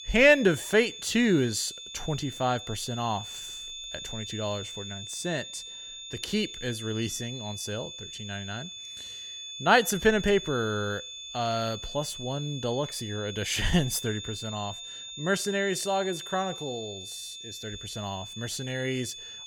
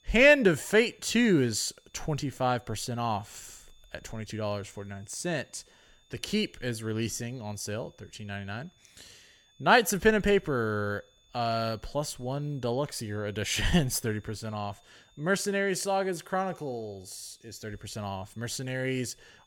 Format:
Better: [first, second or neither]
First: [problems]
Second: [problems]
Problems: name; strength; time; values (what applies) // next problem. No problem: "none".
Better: second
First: high-pitched whine; loud; throughout; 3.5 kHz, 10 dB below the speech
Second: high-pitched whine; faint; throughout; 3.5 kHz, 35 dB below the speech